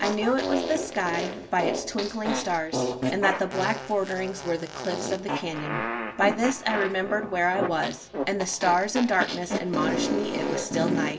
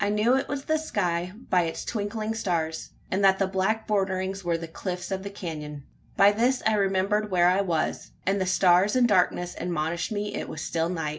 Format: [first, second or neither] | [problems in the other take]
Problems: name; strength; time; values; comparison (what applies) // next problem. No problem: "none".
second | background sound (Fart); 3 dB below the speech